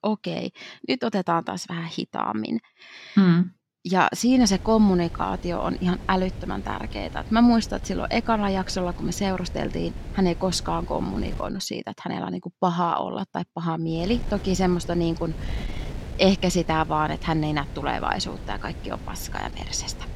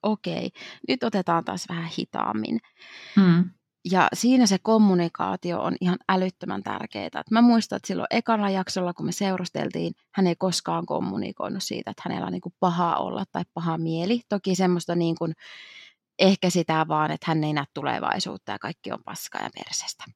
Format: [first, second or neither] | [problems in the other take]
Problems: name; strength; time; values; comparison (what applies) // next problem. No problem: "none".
second | wind noise on the microphone; occasional gusts; from 4.5 to 11 s and from 14 s on; 20 dB below the speech